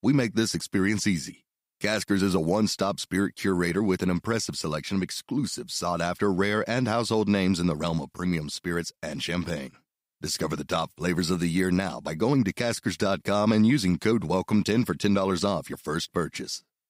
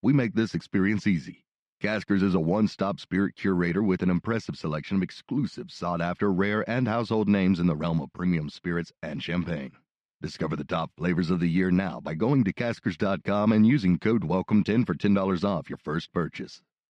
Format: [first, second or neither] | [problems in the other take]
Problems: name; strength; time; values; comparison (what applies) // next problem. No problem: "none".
first | muffled; slightly; fading above 2.5 kHz